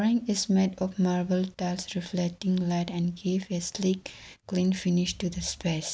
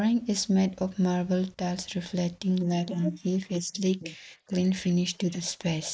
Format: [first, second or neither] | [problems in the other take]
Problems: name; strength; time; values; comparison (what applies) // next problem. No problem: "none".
first | noise reduction (neural mask model Resemble Enhance denoiser)